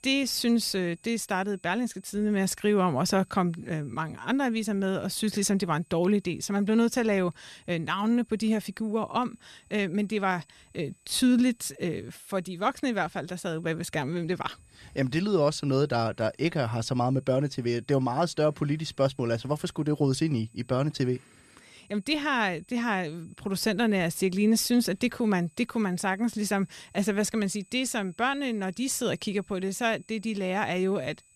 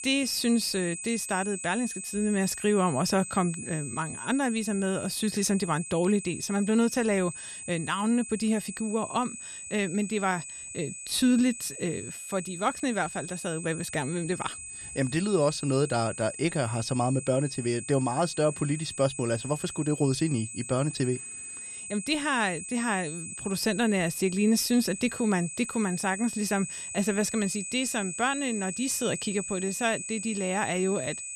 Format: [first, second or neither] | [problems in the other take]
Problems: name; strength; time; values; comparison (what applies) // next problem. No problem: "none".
first | high-pitched whine; loud; throughout; 8 kHz, 8 dB below the speech; faint in the first